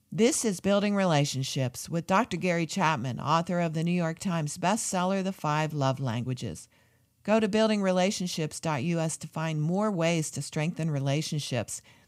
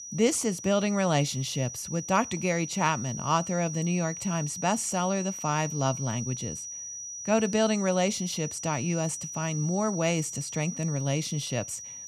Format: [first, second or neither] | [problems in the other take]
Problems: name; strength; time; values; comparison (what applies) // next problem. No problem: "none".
first | high-pitched whine; loud; throughout; 6 kHz, 8 dB below the speech